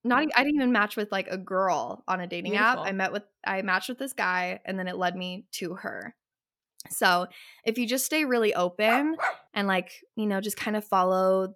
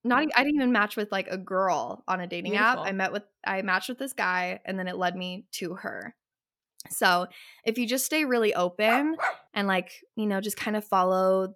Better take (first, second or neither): neither